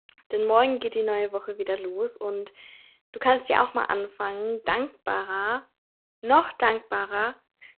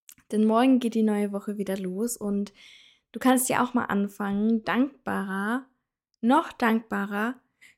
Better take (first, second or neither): second